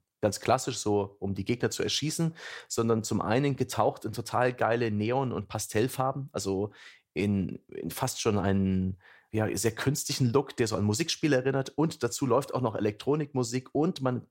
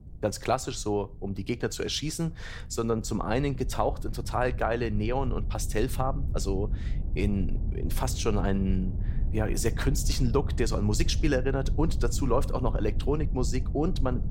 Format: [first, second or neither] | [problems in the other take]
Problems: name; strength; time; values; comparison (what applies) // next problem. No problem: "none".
first | low rumble; noticeable; throughout; 15 dB below the speech